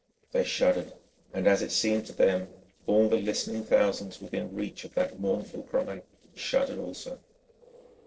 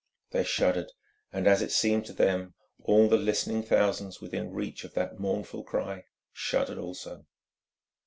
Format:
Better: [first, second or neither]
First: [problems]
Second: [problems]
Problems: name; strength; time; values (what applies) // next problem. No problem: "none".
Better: second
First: noise reduction (neural separator model SepFormer DNS4)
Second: none